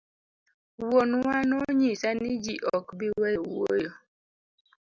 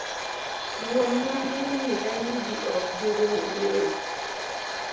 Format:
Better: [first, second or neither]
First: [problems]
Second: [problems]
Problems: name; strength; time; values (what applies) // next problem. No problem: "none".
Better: first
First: none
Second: background sound (Domestic sounds, home sounds); 3 dB below the speech // room echo; dies away in 0.7 s